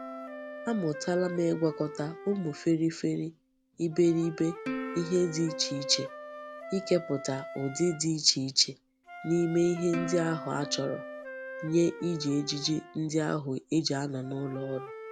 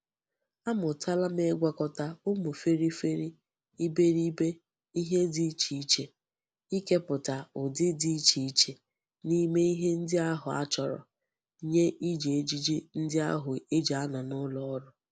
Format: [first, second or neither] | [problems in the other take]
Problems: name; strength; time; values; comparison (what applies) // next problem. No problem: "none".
second | background sound (Wind instrument, woodwind instrument + Plucked string instrument); 12 dB below the speech